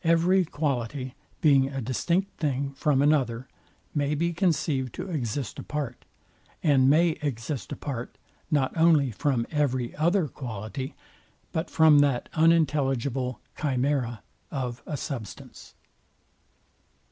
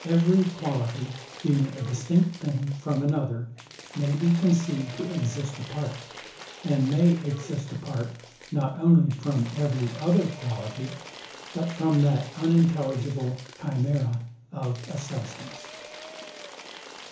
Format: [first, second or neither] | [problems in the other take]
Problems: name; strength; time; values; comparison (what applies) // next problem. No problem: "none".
first | background sound (Applause / Crowd / Cheering); 17 dB below the speech // room echo; dies away in 0.7 s